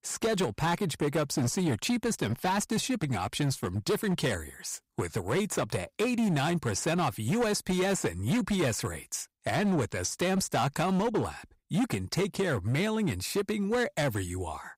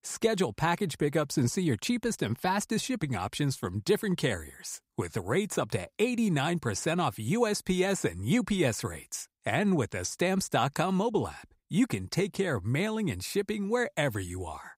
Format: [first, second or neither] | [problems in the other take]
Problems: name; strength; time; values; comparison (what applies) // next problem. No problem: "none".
second | distortion; slight; 13% of the sound clipped